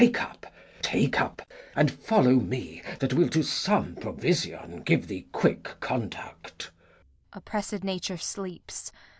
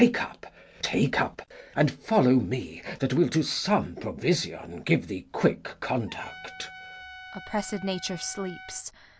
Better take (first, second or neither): first